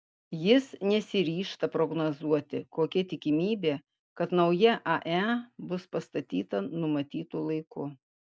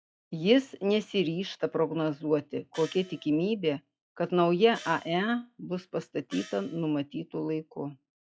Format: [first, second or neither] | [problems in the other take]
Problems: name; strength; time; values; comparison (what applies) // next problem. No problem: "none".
first | noise reduction (classical method log-MMSE)